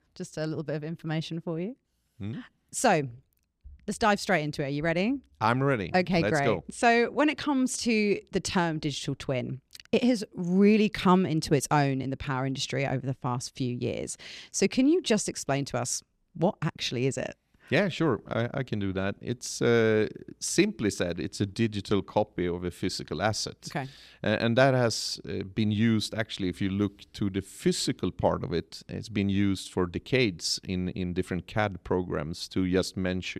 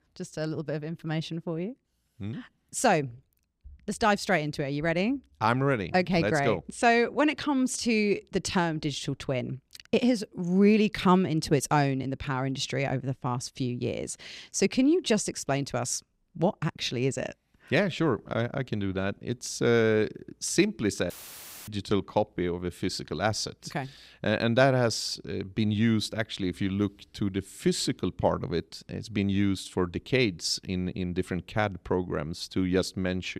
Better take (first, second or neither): first